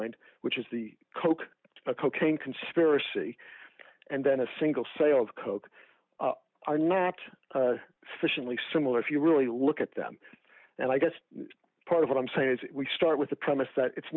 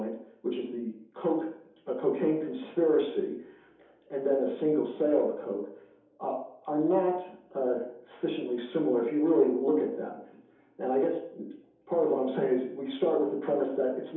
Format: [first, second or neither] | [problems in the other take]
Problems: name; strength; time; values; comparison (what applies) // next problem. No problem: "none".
first | room echo; dies away in 2.8 s